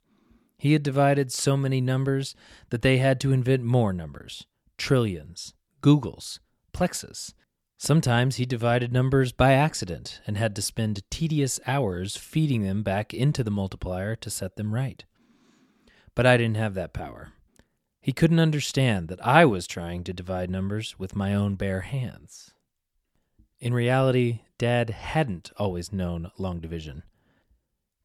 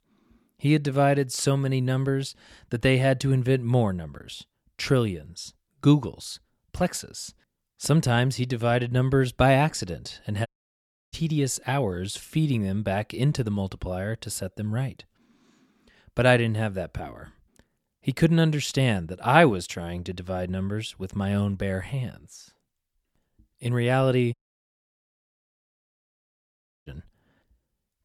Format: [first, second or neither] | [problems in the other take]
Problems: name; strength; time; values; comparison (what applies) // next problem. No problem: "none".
first | audio cutting out; at 10 s for 0.5 s and at 24 s for 2.5 s